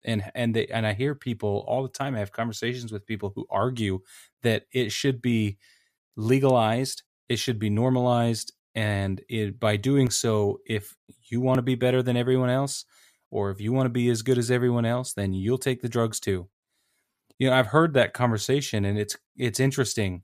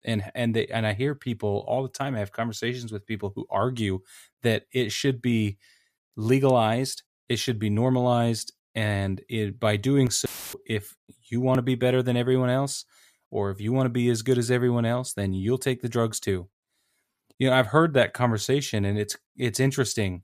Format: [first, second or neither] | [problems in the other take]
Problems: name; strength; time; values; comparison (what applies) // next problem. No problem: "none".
first | audio cutting out; filled with static; at 10 s